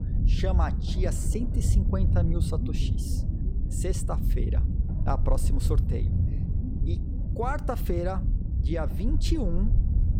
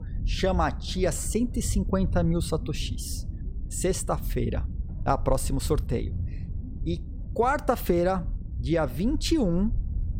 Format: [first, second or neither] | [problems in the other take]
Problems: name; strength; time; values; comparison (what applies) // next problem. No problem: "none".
second | low rumble; loud; throughout; 7 dB below the speech; faint in the second